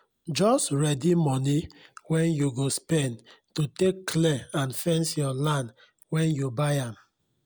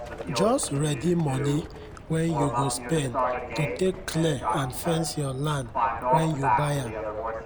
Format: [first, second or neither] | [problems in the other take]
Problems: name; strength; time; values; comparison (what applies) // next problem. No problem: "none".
first | background sound (Livestock, farm animals, working animals); 2 dB below the speech